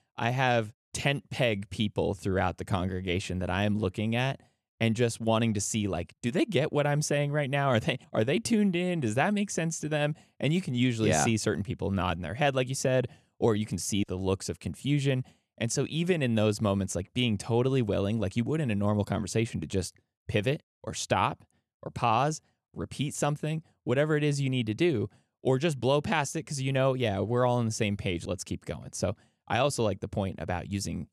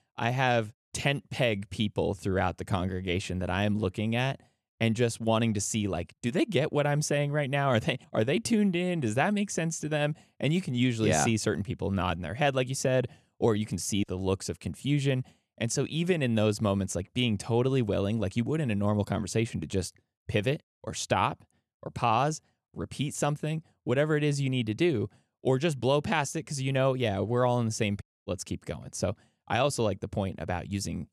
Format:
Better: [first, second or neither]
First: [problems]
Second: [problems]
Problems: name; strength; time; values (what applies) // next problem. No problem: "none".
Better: first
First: none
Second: audio cutting out; at 28 s